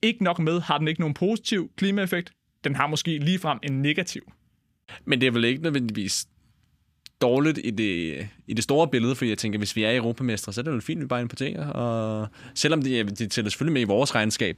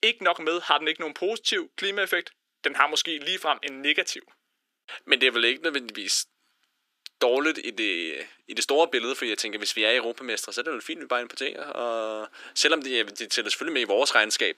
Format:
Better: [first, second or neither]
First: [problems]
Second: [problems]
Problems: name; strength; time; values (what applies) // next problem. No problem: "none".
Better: first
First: none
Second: thin; very; fading below 350 Hz